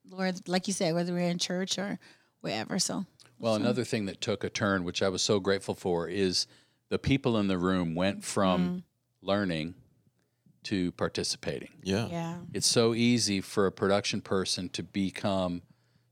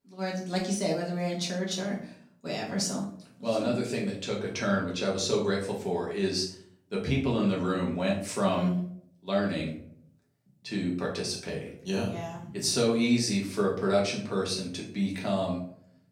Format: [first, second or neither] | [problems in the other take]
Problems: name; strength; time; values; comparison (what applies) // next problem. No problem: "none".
first | room echo; slight; dies away in 0.5 s // off-mic speech; far